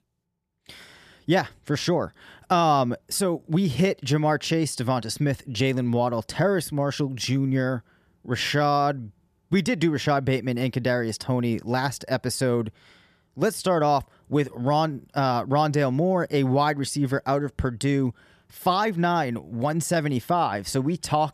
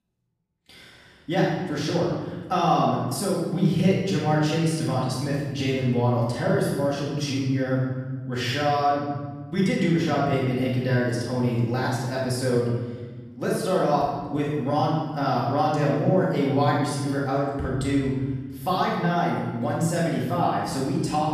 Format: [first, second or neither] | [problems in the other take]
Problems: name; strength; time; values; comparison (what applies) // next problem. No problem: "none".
first | off-mic speech; far // room echo; strong; dies away in 1.4 s